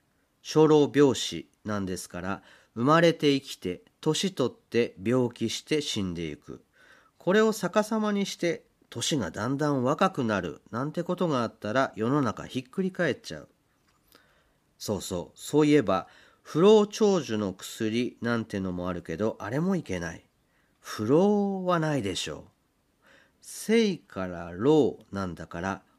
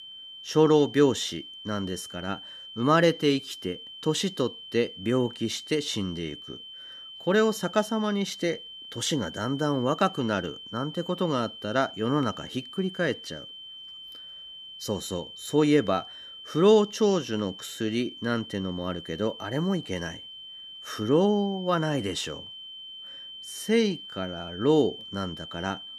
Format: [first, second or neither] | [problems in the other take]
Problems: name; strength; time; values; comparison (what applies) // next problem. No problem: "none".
first | high-pitched whine; noticeable; throughout; 3 kHz, 15 dB below the speech